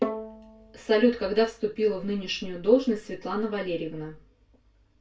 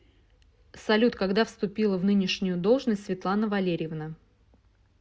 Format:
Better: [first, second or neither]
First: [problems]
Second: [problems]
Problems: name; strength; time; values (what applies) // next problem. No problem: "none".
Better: second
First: background sound (Bowed string instrument); 10 dB below the speech // room echo; dies away in 0.2 s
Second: none